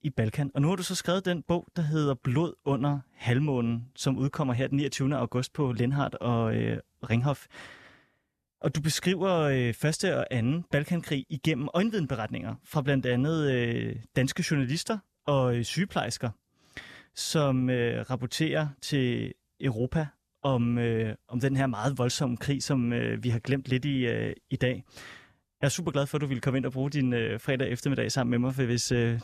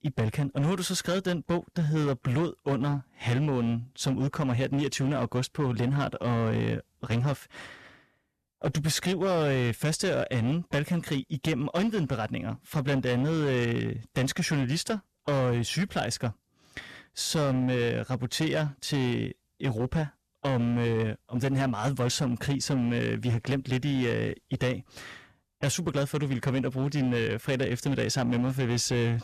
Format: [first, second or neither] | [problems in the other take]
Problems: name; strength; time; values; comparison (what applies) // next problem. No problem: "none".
first | distortion; slight; 13% of the sound clipped